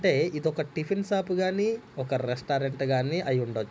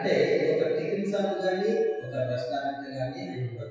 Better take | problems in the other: first | noise reduction (classical method WPE with log-MMSE)

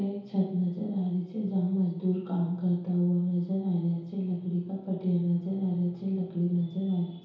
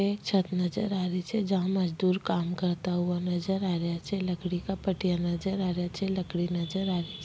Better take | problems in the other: second | room echo; dies away in 0.8 s

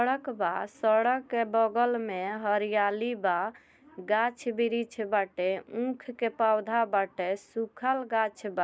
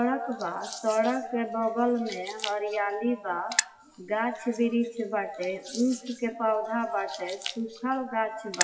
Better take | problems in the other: first | noise reduction (classical method WPE with log-MMSE)

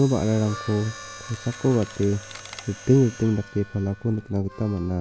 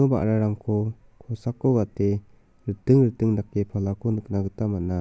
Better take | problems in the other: second | background sound (Mechanisms + Harmonica); 17 dB below the speech

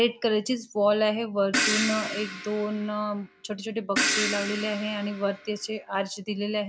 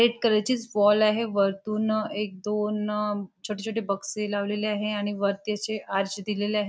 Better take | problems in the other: second | background sound (Crash cymbal); 3 dB below the speech

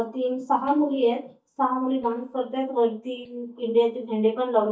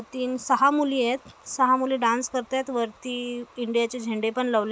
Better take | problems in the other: second | noise reduction (neural mask model DeepFilterNet 3)

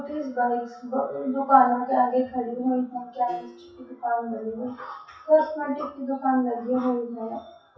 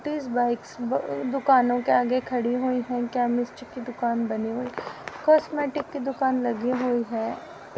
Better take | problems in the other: second | noise reduction (classical method WPE with log-MMSE)

